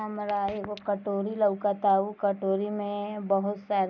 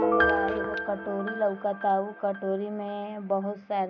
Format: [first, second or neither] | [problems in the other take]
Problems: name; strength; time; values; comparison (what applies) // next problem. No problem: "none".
first | background sound (Piano); 1 dB below the speech